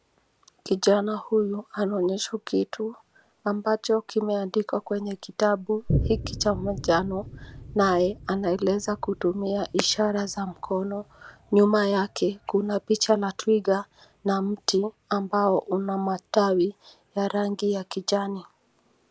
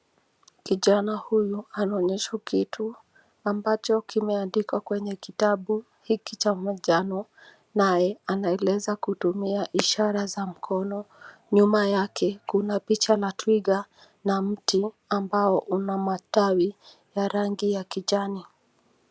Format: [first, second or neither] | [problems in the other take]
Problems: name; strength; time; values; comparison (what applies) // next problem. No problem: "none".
second | background sound (Boom); 14 dB below the speech